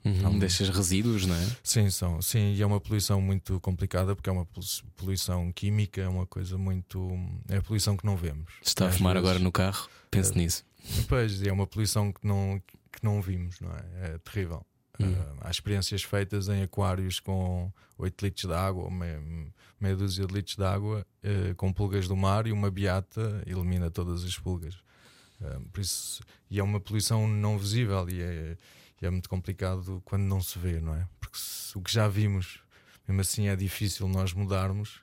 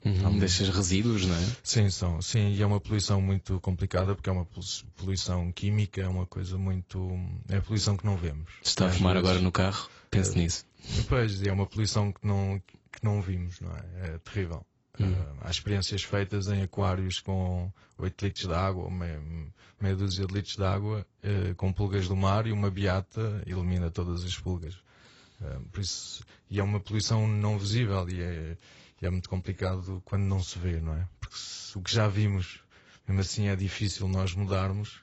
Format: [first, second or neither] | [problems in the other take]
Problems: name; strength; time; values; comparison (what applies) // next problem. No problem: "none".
first | garbled, watery; badly; nothing above 8 kHz